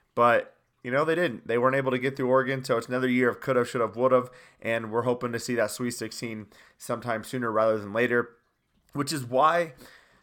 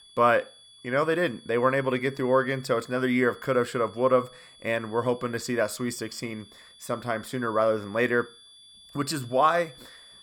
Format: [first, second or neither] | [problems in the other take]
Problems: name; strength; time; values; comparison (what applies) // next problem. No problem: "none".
first | high-pitched whine; faint; throughout; 3.5 kHz, 25 dB below the speech